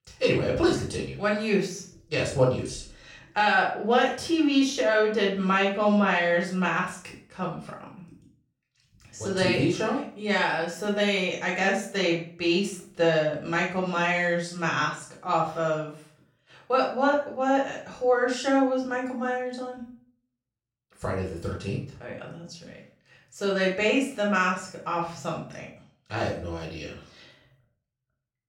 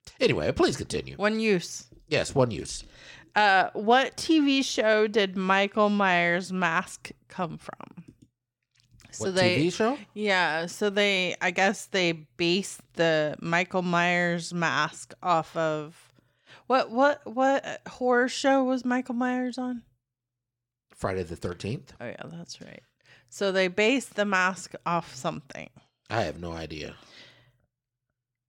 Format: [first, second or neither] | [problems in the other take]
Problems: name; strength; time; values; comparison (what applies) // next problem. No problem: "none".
second | off-mic speech; far // room echo; noticeable; dies away in 0.4 s